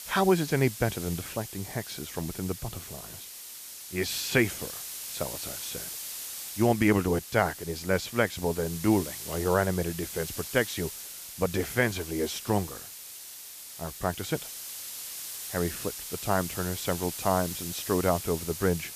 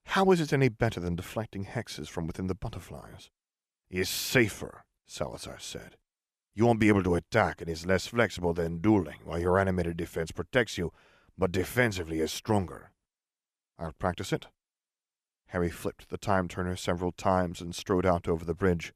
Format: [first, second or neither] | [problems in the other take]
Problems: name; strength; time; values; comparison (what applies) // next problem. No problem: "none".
second | hiss; loud; throughout; 8 dB below the speech